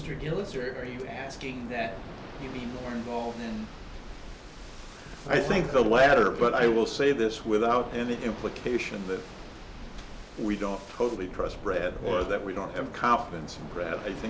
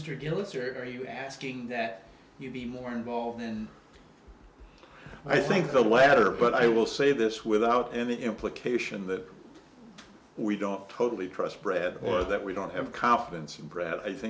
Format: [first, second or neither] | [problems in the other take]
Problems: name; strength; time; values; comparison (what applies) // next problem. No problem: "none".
second | background sound (Waves, surf); 13 dB below the speech